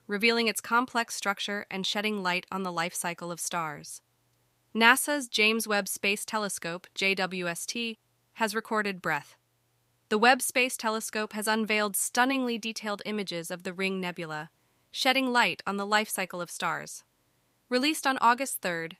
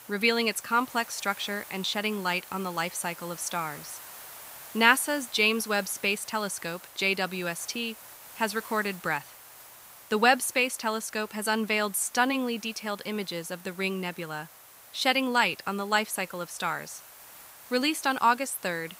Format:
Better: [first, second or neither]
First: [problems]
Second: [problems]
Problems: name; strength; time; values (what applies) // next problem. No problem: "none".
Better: first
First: none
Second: hiss; noticeable; throughout; 20 dB below the speech